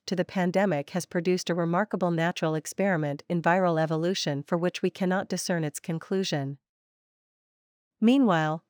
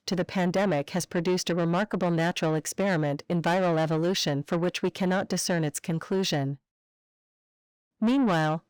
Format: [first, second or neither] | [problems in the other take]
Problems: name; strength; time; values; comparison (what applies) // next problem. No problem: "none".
first | distortion; slight; 10 dB below the speech